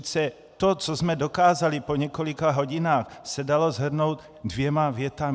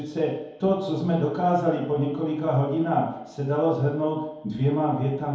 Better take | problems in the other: first | room echo; dies away in 1.9 s

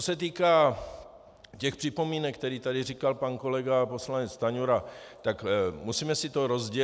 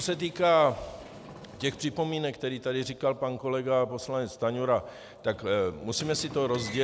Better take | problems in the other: first | background sound (Sliding door); 19 dB below the speech

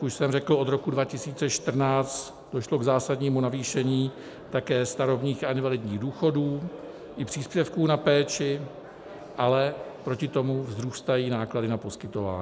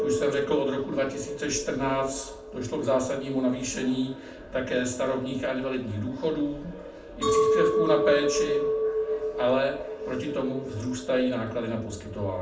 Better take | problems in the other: first | background sound (Chink, clink); 2 dB below the speech // room echo; dies away in 0.4 s

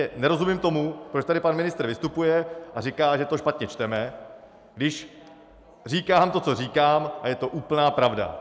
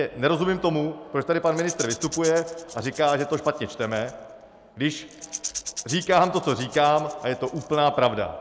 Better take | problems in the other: first | background sound (Rattle / Rattle (instrument)); 15 dB below the speech

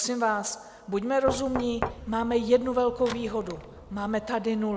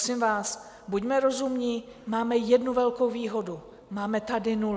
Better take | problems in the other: second | background sound (Knock); 10 dB below the speech

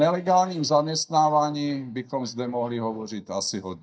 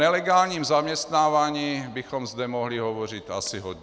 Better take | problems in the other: second | noise reduction (neural mask model DeepFilterNet 3)

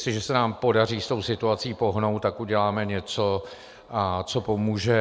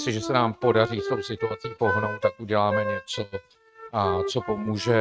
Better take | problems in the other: first | noise reduction (neural mask model RNNoise)

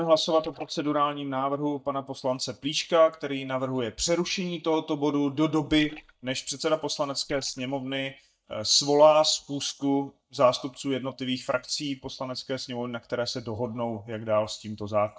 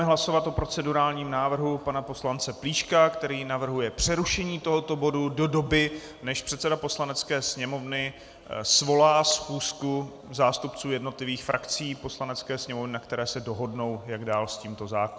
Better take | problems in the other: second | noise reduction (neural mask model DeepFilterNet 3)

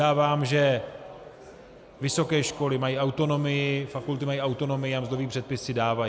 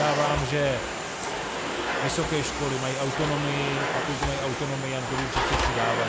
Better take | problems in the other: first | background sound (Domestic sounds, home sounds); as loud as the speech

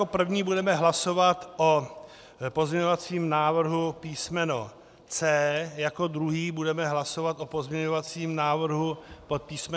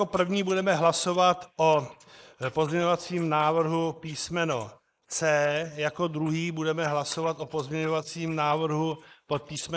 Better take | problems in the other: first | noise reduction (neural mask model Resemble Enhance denoiser)

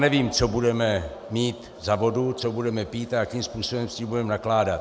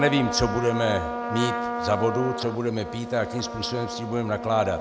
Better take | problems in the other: first | background sound (Trumpet); 6 dB below the speech

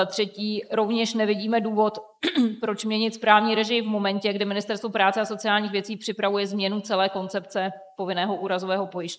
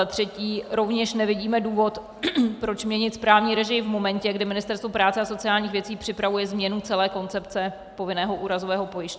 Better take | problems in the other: second | noise reduction (neural mask model Resemble Enhance denoiser)

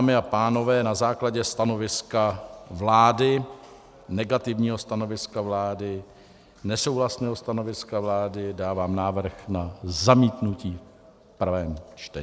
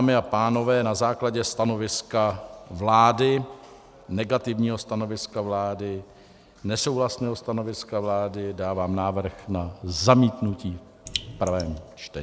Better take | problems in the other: first | background sound (Raindrop); 12 dB below the speech

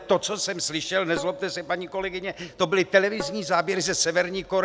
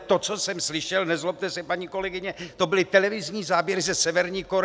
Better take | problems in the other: second | background sound (Tabla); 15 dB below the speech

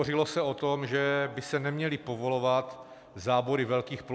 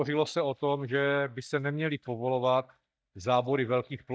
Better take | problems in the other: first | noise reduction (neural mask model DeepFilterNet 3)

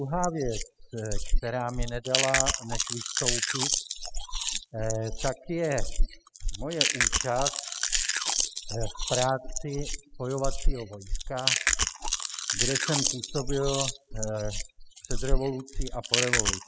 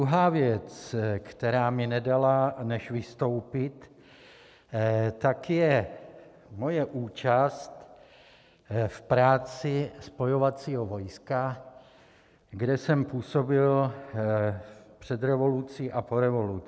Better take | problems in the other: second | noise reduction (classical method spectral subtraction)

